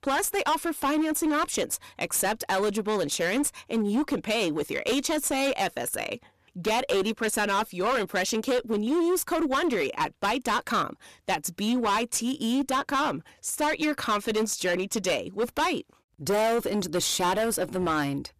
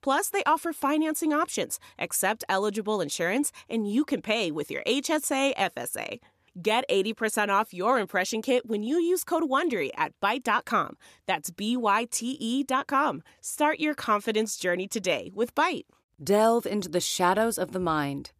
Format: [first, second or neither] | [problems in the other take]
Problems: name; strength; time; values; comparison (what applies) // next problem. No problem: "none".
second | distortion; heavy; 16% of the sound clipped